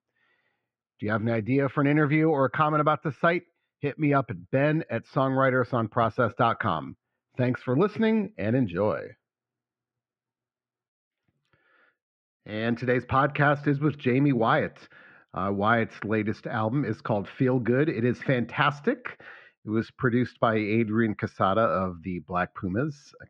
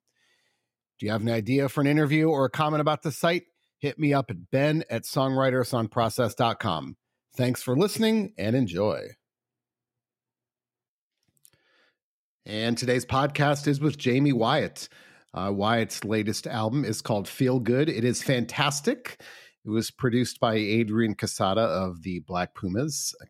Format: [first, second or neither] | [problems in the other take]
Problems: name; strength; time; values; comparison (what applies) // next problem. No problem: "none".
second | muffled; very; fading above 2.5 kHz